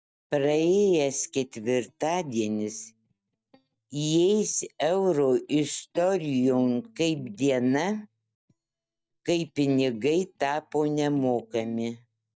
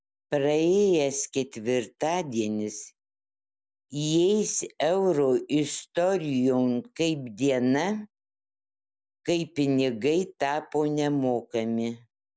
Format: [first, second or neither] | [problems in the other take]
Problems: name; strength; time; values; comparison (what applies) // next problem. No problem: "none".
second | noise reduction (neural mask model DeepFilterNet 3)